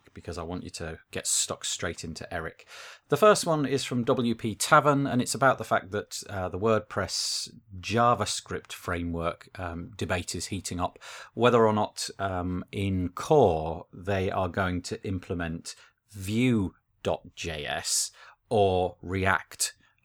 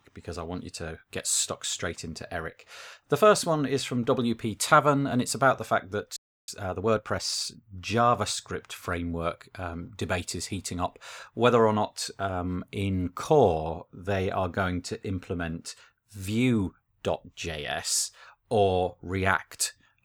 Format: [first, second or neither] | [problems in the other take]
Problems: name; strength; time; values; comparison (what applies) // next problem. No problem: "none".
first | audio freezing; at 6 s